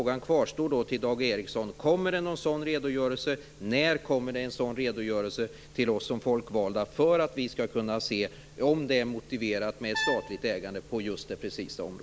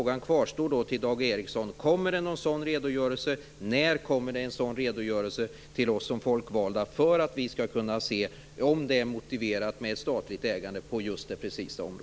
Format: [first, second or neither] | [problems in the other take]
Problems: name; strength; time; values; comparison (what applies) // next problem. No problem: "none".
second | background sound (Brass instrument); 8 dB below the speech